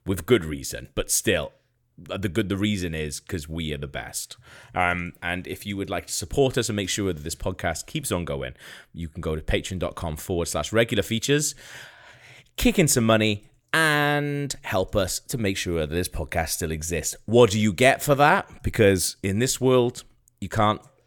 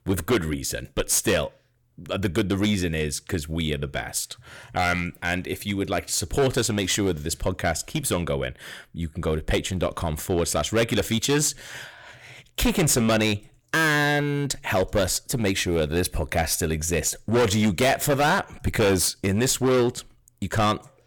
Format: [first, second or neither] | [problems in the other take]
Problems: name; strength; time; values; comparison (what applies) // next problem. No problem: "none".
first | distortion; heavy; 9% of the sound clipped